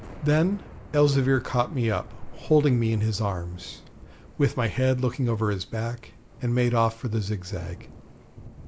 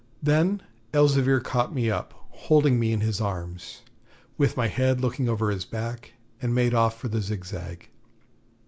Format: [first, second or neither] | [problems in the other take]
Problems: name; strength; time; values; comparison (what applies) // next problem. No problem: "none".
second | background sound (Thunder / Rain); 19 dB below the speech